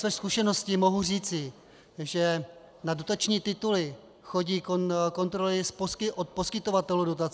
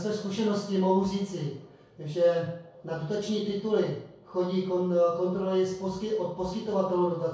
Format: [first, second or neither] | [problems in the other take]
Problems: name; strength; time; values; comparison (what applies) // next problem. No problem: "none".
first | room echo; dies away in 0.6 s